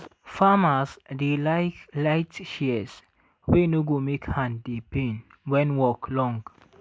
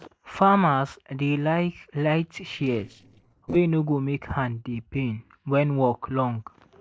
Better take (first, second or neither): first